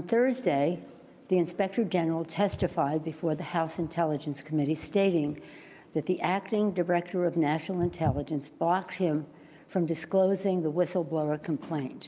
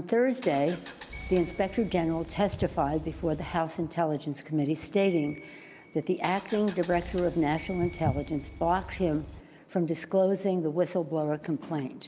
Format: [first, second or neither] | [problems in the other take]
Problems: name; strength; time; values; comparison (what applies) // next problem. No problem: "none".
first | background sound (Bell + Engine); 15 dB below the speech